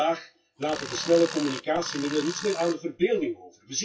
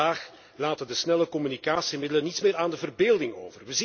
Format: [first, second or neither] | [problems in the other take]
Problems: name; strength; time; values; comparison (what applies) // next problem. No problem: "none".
second | noise reduction (classical method WPE with log-MMSE)